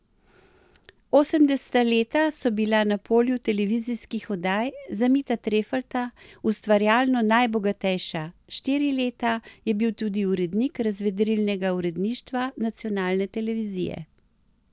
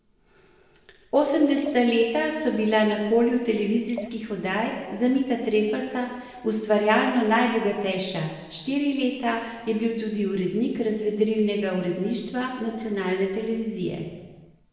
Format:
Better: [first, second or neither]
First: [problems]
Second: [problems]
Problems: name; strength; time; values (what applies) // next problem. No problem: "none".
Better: first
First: none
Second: background sound (Liquid); 20 dB below the speech // room echo; dies away in 1.2 s